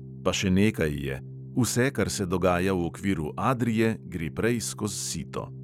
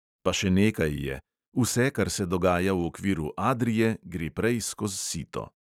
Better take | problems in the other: second | background sound (Organ); 14 dB below the speech

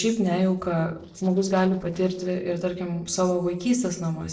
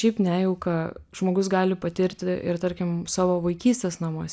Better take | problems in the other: second | noise reduction (neural separator model SepFormer DNS4)

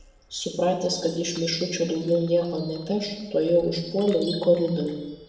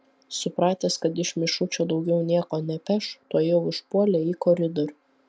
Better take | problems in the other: second | background sound (Chime); 20 dB below the speech // room echo; dies away in 1 s

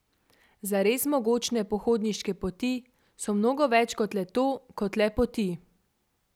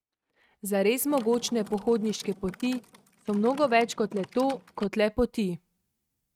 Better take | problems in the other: first | noise reduction (neural mask model RNNoise)

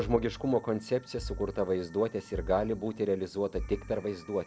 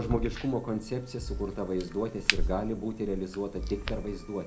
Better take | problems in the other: first | background sound (Crack); 4 dB below the speech // room echo; dies away in 0.3 s

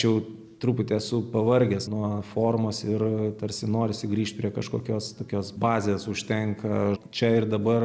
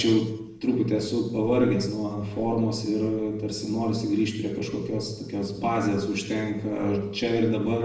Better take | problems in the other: first | room echo; dies away in 0.7 s

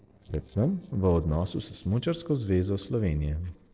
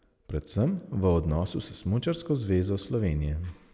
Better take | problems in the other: second | noise reduction (neural separator model SepFormer DNS4)

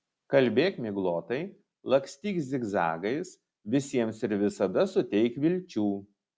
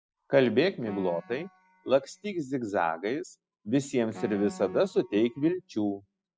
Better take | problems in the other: first | noise reduction (classical method spectral subtraction)

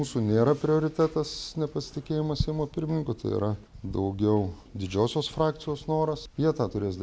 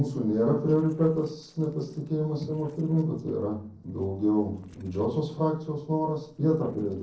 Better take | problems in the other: first | noise reduction (neural separator model SepFormer DNS4)

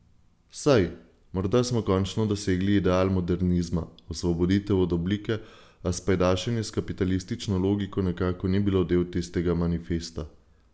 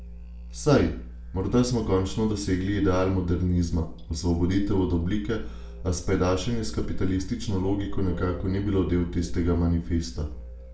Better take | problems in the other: first | background sound (Musical instrument); 14 dB below the speech // room echo; dies away in 0.4 s

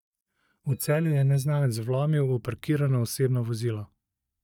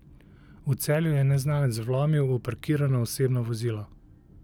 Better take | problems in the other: second | noise reduction (neural mask model DeepFilterNet 3)

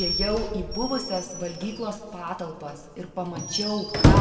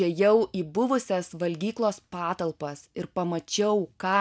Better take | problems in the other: second | background sound (Squeak / Slam / Wood); 4 dB above the speech // room echo; dies away in 1.6 s

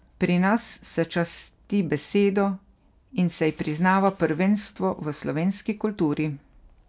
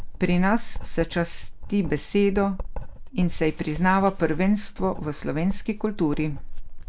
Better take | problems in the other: first | background sound (Writing); 5 dB below the speech

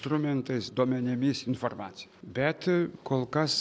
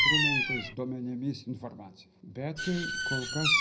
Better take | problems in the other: first | background sound (Bird vocalization, bird call, bird song); 4 dB above the speech // room echo; dies away in 0.3 s

